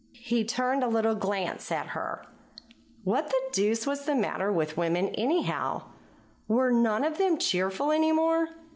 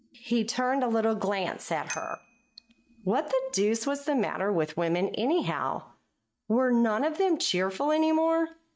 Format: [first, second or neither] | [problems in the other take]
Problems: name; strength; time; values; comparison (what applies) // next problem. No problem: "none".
first | noise reduction (neural mask model RNNoise)